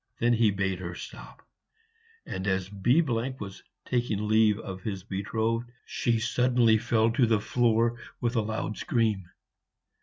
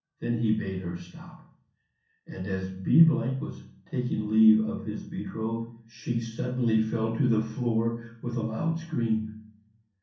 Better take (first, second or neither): first